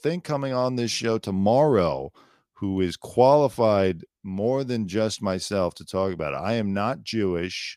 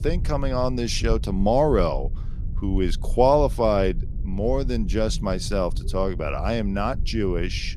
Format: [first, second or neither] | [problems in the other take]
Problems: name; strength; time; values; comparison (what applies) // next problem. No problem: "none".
first | low rumble; faint; throughout; 25 dB below the speech